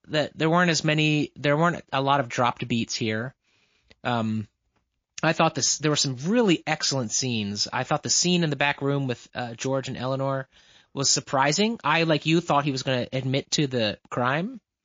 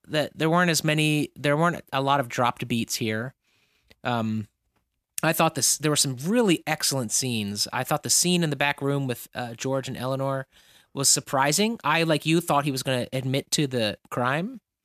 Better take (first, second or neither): second